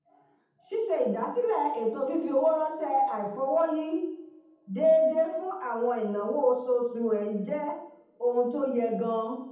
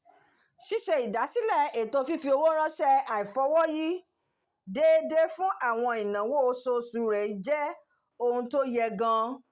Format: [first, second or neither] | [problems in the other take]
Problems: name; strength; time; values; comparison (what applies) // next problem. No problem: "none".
second | room echo; dies away in 0.8 s